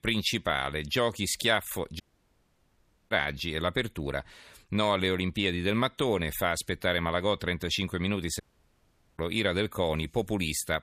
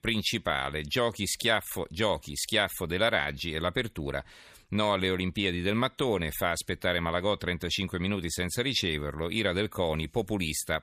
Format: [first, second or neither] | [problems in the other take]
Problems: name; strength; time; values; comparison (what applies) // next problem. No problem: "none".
second | audio cutting out; at 2 s for 1 s and at 8.5 s for 1 s